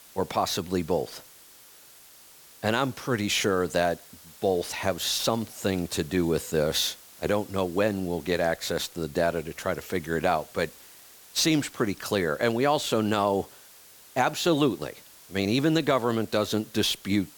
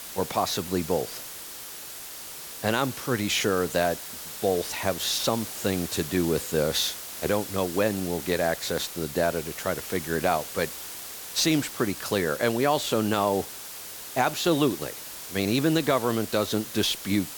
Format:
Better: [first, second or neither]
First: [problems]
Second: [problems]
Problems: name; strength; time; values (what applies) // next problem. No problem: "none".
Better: first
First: hiss; faint; throughout; 20 dB below the speech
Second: hiss; loud; throughout; 9 dB below the speech